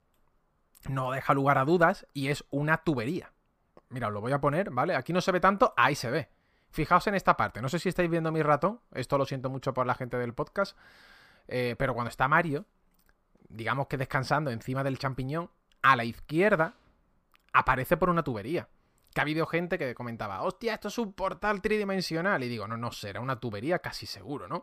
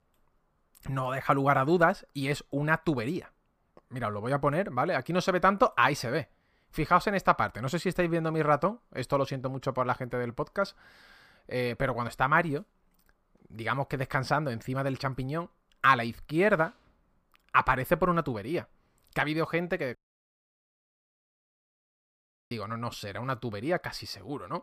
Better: first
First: none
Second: audio cutting out; at 20 s for 2.5 s

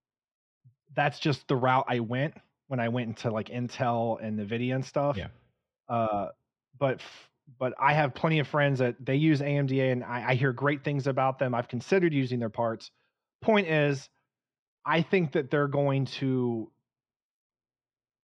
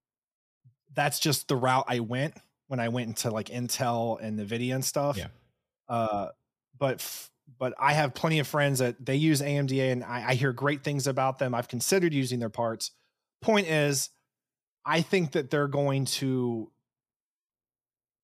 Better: second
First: muffled; slightly; fading above 3 kHz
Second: none

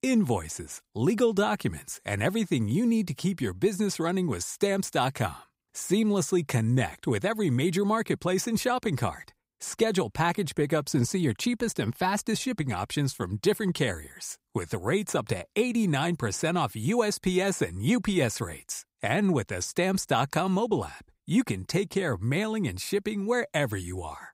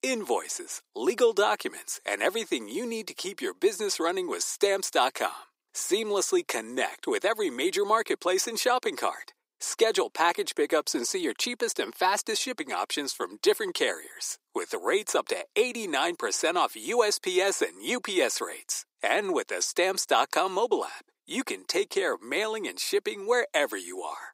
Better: first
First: none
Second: thin; very; fading below 350 Hz

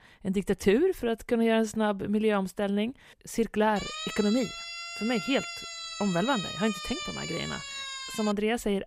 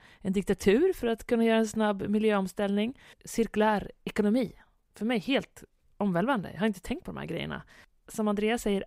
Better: second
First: siren; noticeable; from 4 to 8.5 s; peak 5 dB below the speech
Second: none

